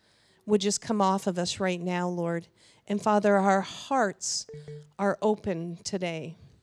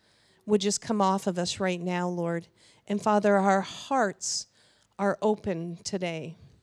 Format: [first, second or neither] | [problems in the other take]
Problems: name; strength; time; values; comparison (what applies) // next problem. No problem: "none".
second | phone ringing; faint; at 4.5 s; peak 15 dB below the speech